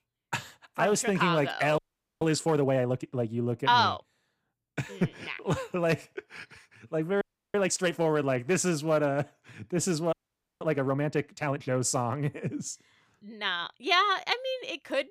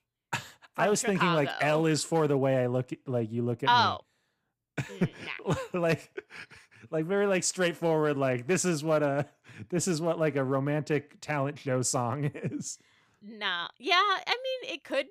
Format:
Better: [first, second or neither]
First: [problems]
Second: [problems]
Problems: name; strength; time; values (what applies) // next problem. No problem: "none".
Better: second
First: audio freezing; at 2 s, at 7 s and at 10 s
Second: none